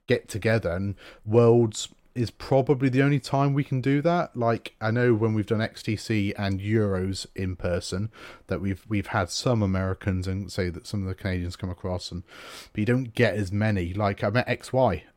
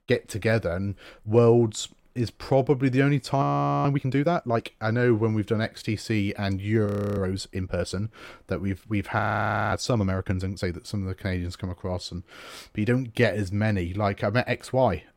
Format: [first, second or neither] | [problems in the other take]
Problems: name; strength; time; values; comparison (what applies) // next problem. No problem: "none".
first | audio freezing; at 3.5 s, at 7 s and at 9 s for 0.5 s